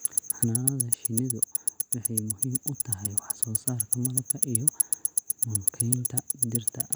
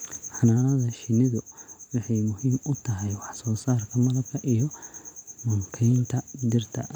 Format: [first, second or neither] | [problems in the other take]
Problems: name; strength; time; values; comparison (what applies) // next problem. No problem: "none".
second | background sound (Tick-tock); 4 dB above the speech